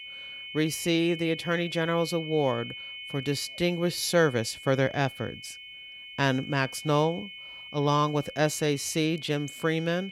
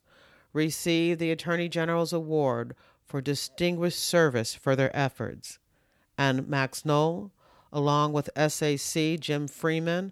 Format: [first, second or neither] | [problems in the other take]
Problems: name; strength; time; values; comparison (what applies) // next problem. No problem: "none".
second | high-pitched whine; noticeable; throughout; 3 kHz, 10 dB below the speech